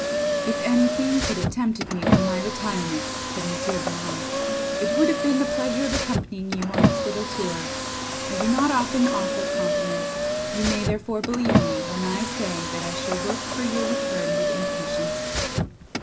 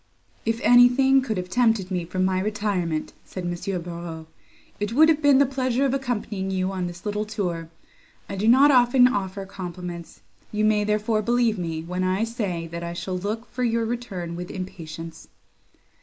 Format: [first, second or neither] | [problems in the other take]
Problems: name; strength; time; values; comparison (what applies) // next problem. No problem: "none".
second | background sound (Car); 2 dB above the speech